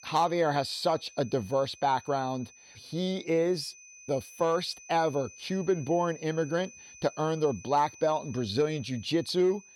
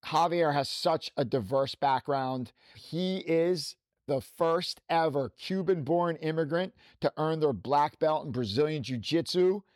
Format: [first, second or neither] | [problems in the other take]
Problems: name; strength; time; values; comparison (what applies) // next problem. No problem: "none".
second | high-pitched whine; noticeable; throughout; 6 kHz, 20 dB below the speech